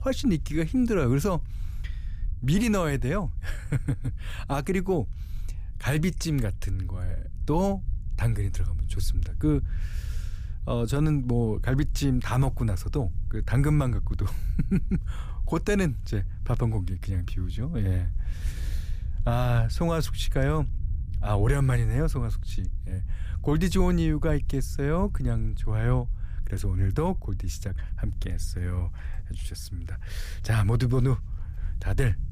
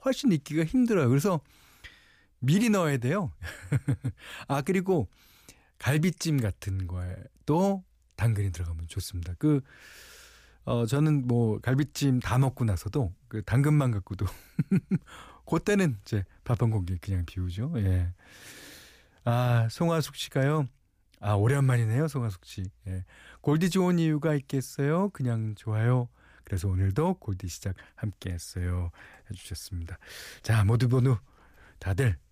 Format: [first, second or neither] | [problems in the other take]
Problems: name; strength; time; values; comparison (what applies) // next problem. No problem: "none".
second | low rumble; faint; throughout; 20 dB below the speech